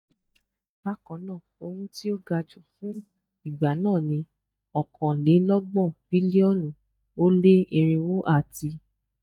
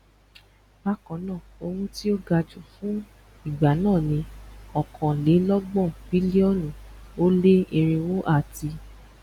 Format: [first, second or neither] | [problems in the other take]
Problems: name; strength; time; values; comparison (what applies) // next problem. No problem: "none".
second | noise reduction (neural mask model DeepFilterNet 3)